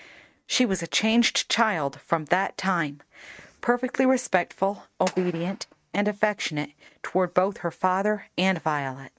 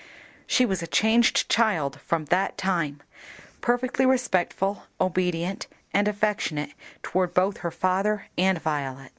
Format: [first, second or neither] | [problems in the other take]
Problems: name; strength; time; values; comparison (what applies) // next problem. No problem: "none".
second | noise reduction (neural mask model RNNoise)